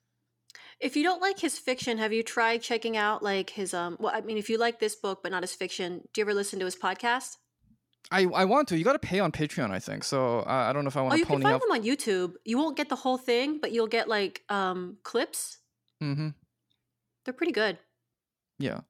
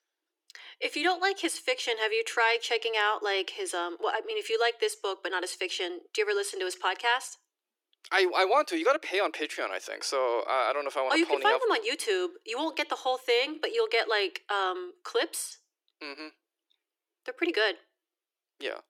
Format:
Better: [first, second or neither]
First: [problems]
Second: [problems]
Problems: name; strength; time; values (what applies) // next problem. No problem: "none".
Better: first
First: none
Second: thin; very; fading below 350 Hz